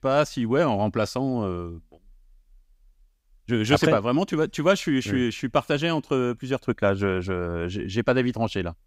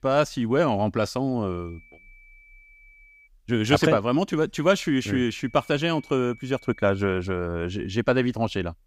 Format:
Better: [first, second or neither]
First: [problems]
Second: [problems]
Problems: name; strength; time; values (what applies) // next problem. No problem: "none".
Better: first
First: none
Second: high-pitched whine; faint; from 1.5 to 3.5 s and from 4.5 to 7 s; 2.5 kHz, 25 dB below the speech